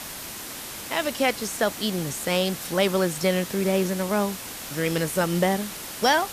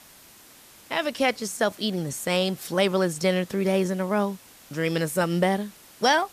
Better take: second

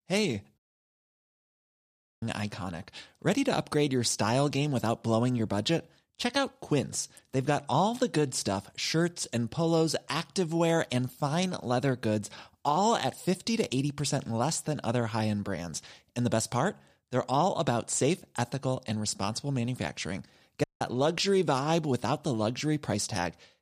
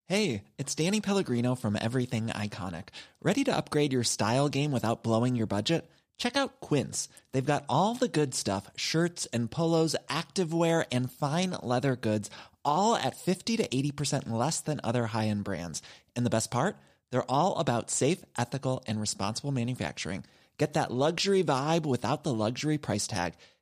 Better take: second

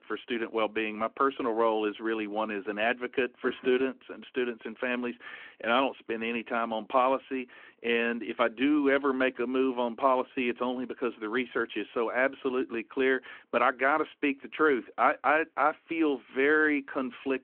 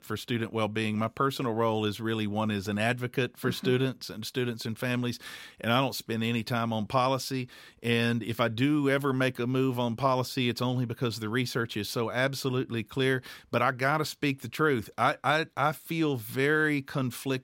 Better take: second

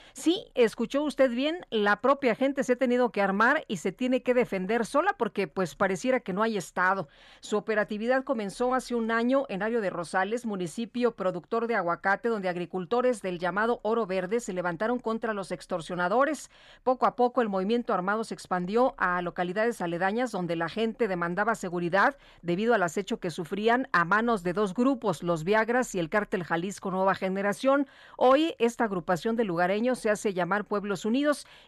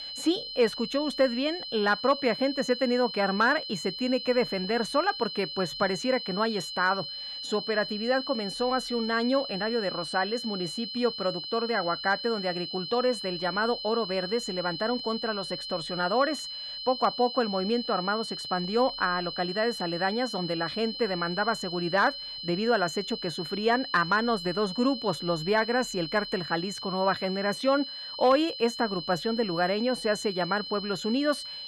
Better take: first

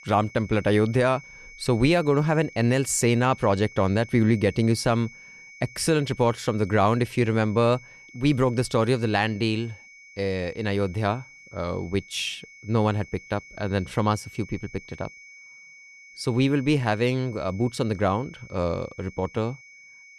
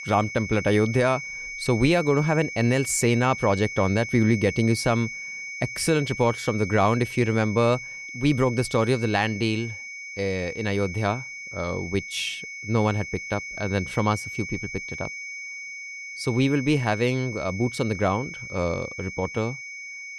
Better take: first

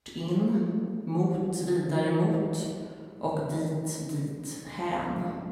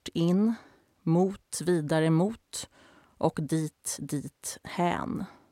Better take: second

